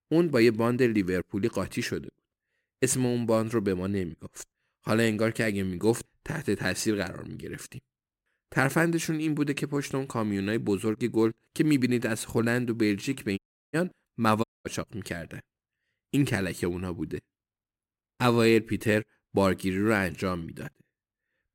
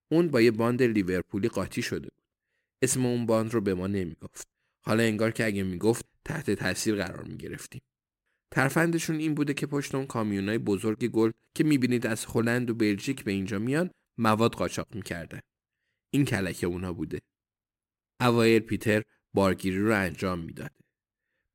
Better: second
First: audio cutting out; at 13 s and at 14 s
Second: none

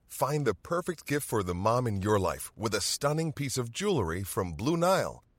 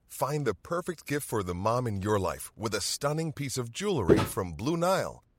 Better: first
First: none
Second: footsteps; loud; at 4 s; peak 5 dB above the speech

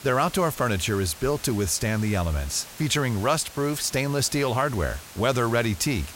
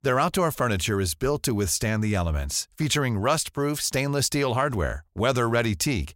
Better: second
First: hiss; noticeable; throughout; 15 dB below the speech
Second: none

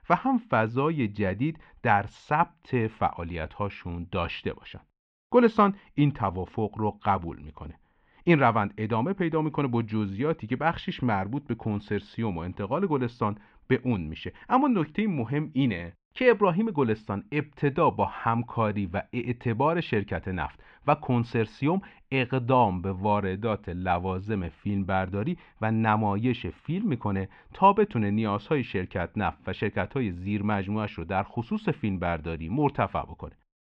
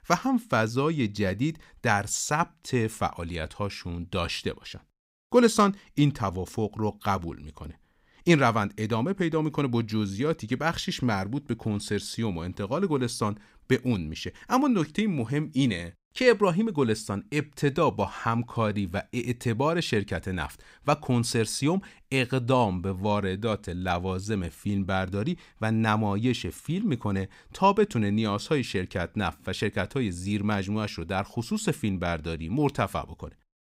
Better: second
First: muffled; very; fading above 3 kHz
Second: none

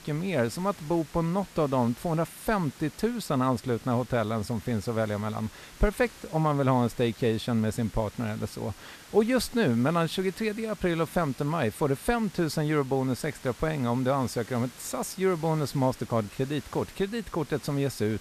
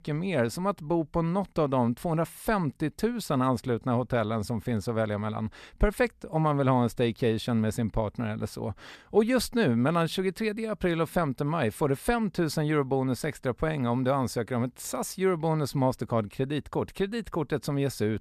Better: second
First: hiss; noticeable; throughout; 20 dB below the speech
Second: none

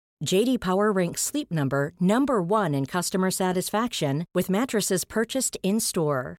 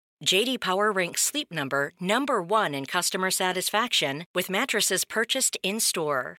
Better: first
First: none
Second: thin; somewhat; fading below 700 Hz

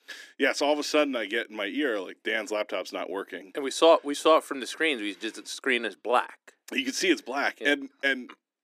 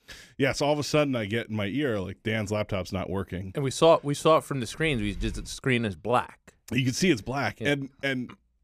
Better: second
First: thin; very slightly; fading below 300 Hz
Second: none

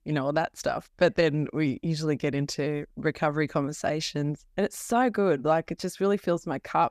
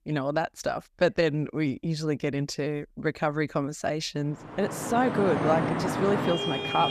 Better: first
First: none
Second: traffic noise; loud; from 5 s on; 1 dB below the speech

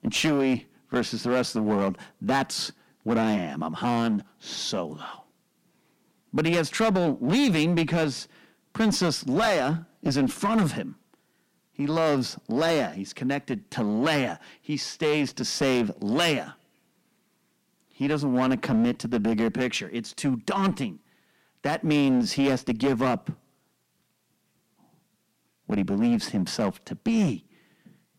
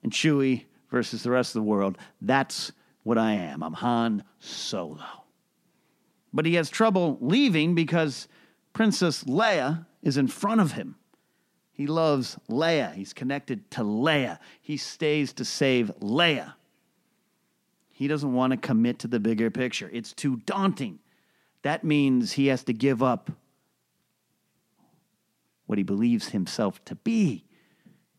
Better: second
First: distortion; slight; 8% of the sound clipped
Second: none

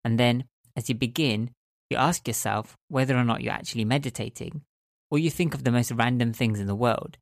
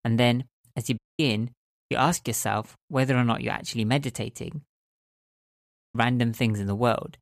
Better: first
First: none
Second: audio cutting out; at 1 s and at 5 s for 1 s

